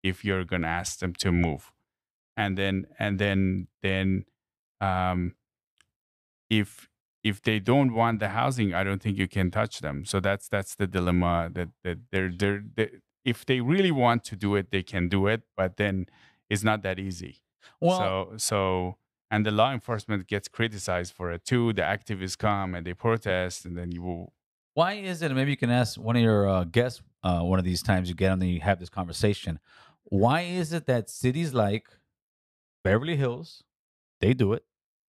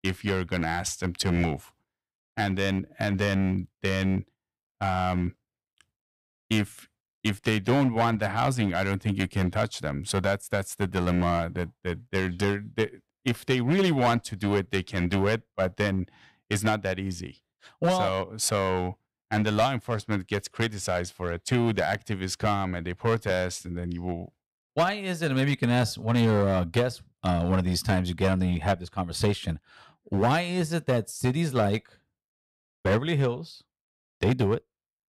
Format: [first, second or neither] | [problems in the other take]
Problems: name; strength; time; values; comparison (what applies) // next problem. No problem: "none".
first | distortion; slight; 5% of the sound clipped